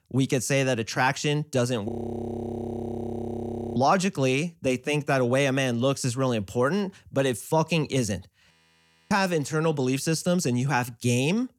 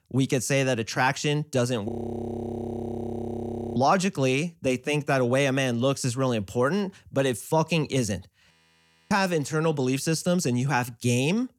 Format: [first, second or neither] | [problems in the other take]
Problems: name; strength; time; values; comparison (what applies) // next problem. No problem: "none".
neither | audio freezing; at 2 s for 2 s and at 8.5 s for 0.5 s; the same in both